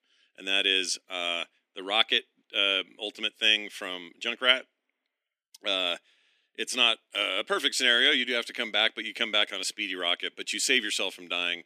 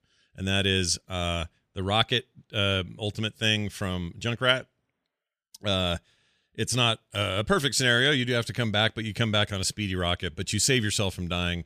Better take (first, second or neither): second